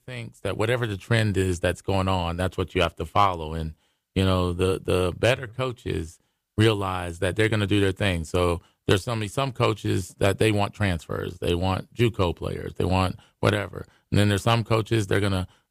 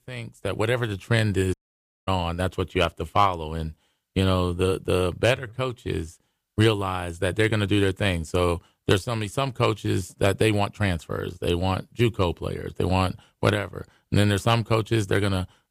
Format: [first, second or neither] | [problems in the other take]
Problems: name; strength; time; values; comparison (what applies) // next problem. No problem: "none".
first | audio cutting out; at 1.5 s for 0.5 s